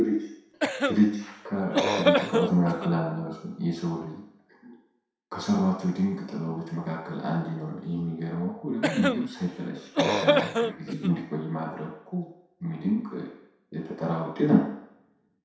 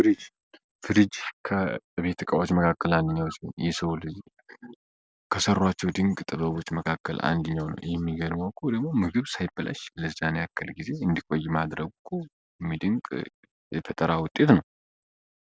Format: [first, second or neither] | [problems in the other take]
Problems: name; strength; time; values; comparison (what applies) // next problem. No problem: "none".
second | background sound (Cough); 1 dB above the speech // room echo; dies away in 0.7 s